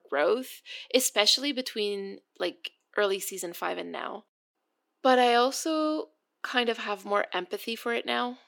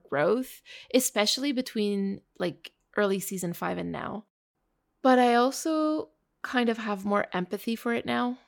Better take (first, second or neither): second